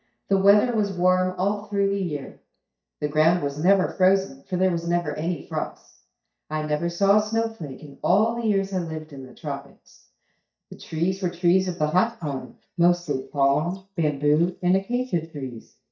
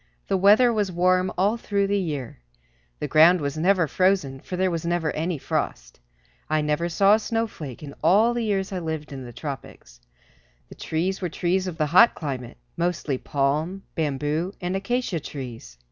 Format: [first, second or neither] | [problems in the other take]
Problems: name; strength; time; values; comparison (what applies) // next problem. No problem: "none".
second | noise reduction (neural mask model DeepFilterNet 3)